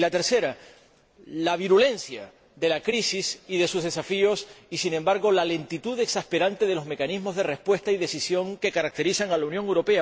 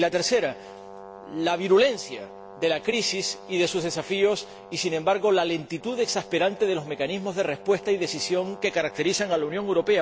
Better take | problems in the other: first | background sound (Brass instrument); 18 dB below the speech

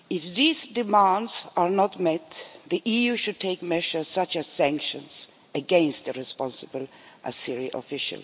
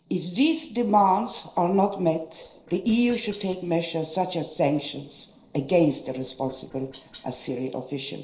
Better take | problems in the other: first | noise reduction (neural separator model SepFormer DNS4)

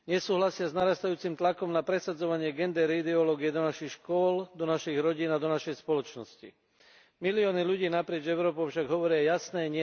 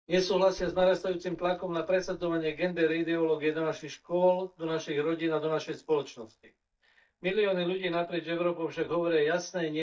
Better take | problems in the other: first | noise reduction (neural mask model DeepFilterNet 3)

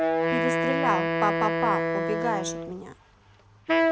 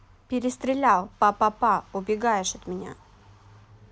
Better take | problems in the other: second | background sound (Wind instrument, woodwind instrument); 4 dB above the speech

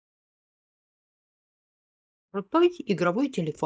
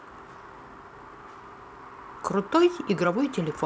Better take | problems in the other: second | noise reduction (neural mask model DeepFilterNet 3)

